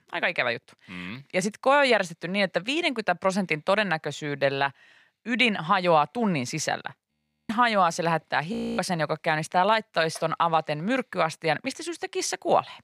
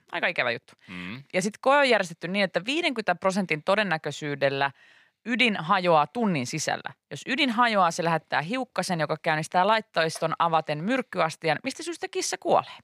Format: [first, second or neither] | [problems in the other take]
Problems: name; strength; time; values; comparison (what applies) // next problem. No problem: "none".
second | audio freezing; at 7 s and at 8.5 s